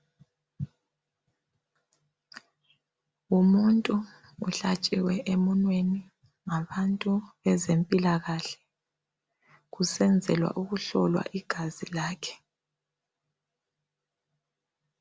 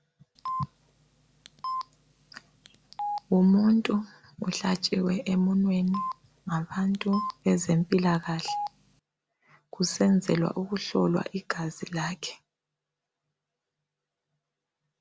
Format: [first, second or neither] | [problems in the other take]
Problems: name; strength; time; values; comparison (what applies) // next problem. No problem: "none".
first | background sound (Telephone); 9 dB below the speech